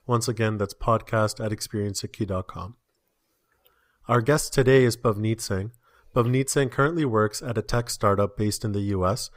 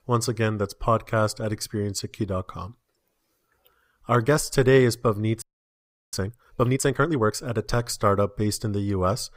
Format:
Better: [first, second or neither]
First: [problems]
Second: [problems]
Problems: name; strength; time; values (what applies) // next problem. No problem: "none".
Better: first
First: none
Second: audio freezing; at 5.5 s for 0.5 s